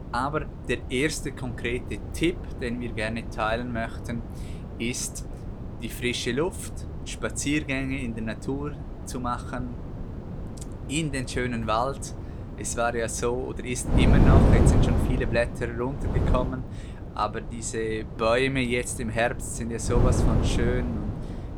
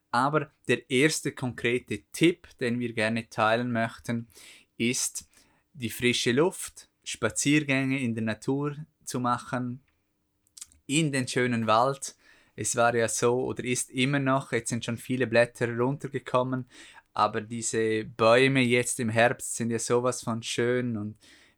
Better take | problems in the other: second | wind noise on the microphone; heavy; 8 dB below the speech

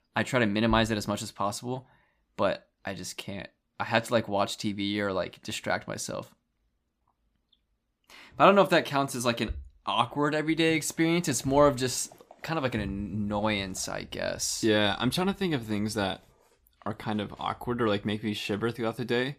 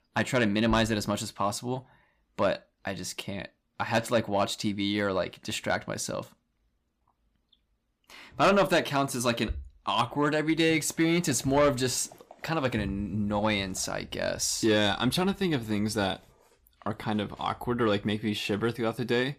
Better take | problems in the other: first | distortion; slight; 10 dB below the speech

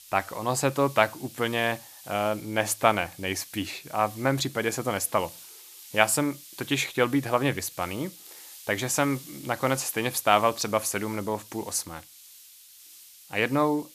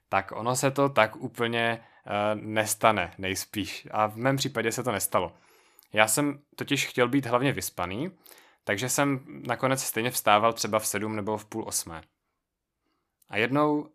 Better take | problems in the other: second | hiss; noticeable; throughout; 20 dB below the speech

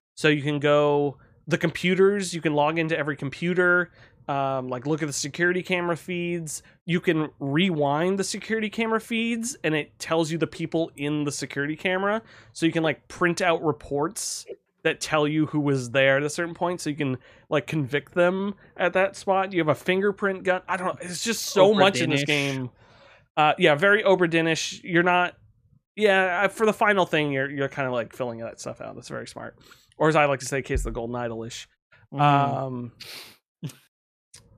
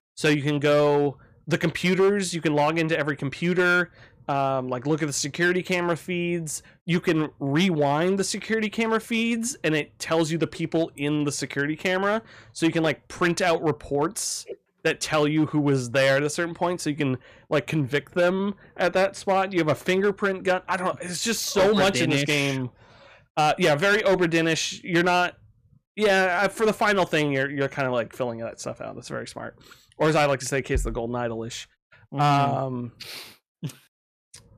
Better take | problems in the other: first | distortion; slight; 5% of the sound clipped

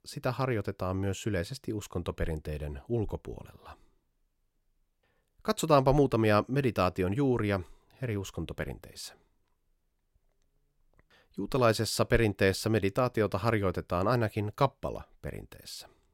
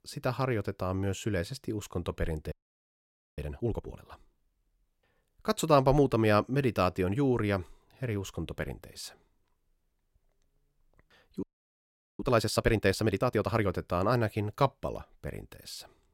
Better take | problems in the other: first | audio freezing; at 2.5 s for 1 s and at 11 s for 1 s

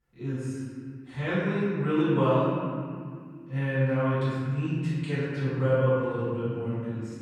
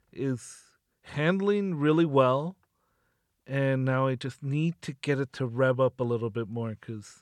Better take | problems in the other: second | room echo; strong; dies away in 2.4 s // off-mic speech; far

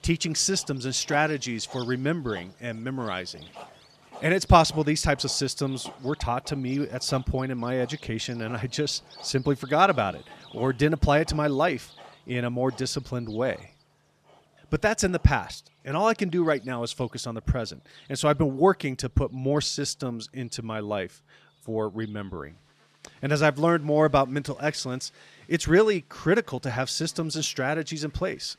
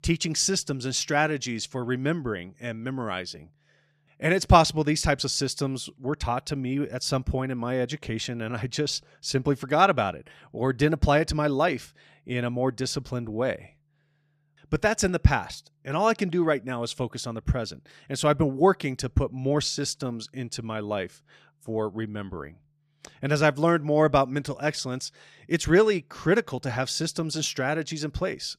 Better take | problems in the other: second | animal sounds; faint; throughout; 25 dB below the speech

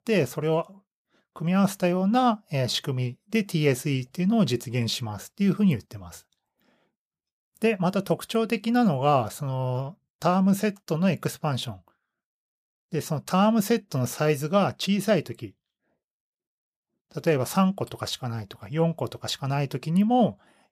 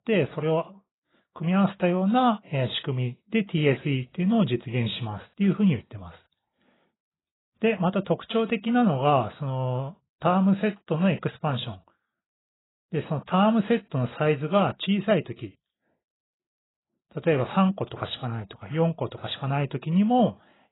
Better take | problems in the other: first | garbled, watery; badly; nothing above 4 kHz

